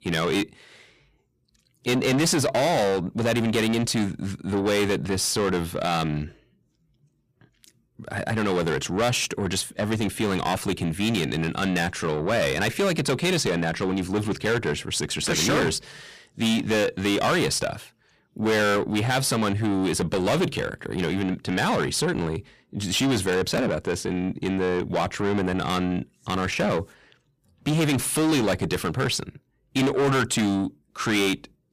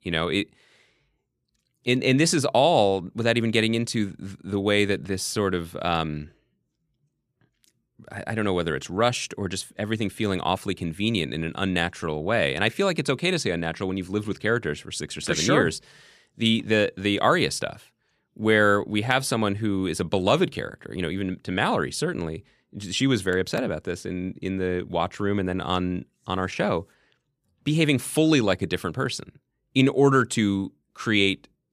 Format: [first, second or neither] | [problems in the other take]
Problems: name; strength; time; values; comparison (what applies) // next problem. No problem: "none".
second | distortion; heavy; 5 dB below the speech